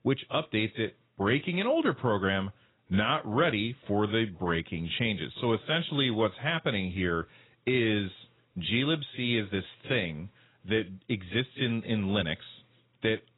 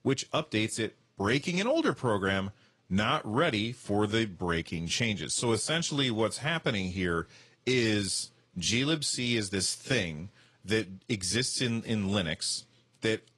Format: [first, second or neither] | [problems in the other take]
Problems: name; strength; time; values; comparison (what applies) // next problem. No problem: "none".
second | garbled, watery; badly; nothing above 4 kHz; slightly in the second